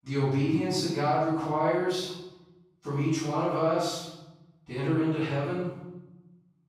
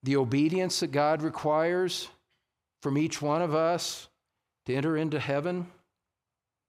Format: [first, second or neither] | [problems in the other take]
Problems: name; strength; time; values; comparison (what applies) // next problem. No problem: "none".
second | off-mic speech; far // room echo; strong; dies away in 0.9 s